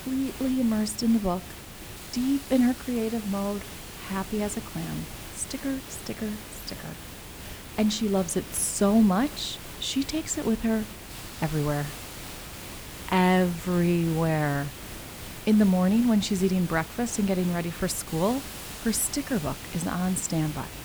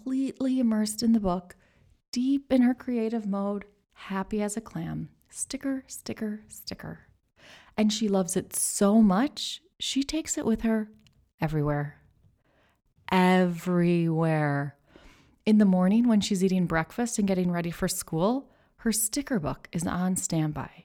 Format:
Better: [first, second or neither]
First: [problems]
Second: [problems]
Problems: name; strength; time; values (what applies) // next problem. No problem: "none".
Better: second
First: hiss; noticeable; throughout; 10 dB below the speech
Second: none